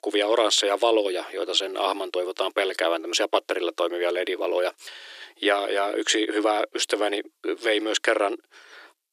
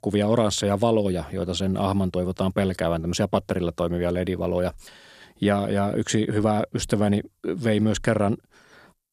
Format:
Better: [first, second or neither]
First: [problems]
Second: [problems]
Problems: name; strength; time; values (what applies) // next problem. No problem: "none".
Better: second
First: thin; very; fading below 300 Hz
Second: none